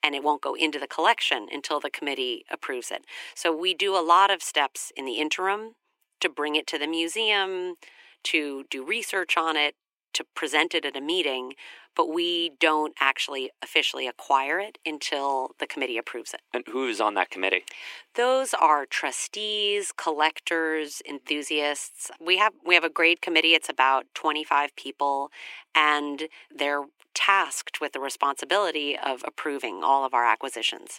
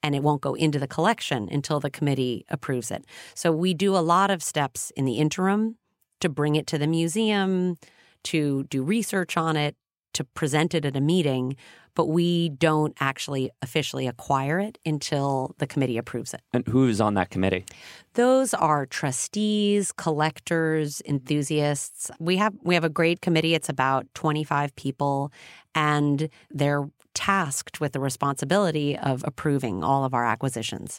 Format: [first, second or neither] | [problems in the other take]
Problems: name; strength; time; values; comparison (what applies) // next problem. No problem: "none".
second | thin; very; fading below 300 Hz